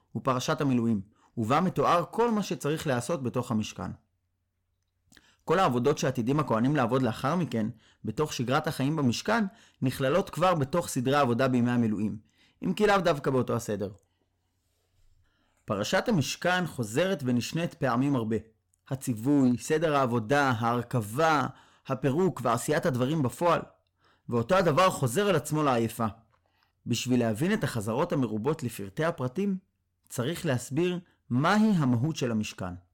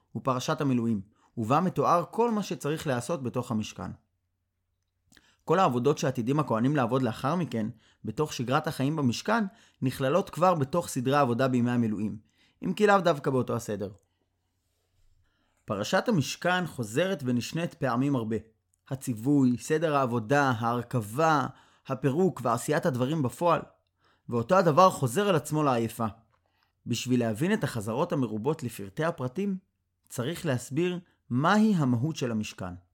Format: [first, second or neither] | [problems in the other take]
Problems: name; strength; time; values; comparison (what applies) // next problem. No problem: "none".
second | distortion; slight; 5% of the sound clipped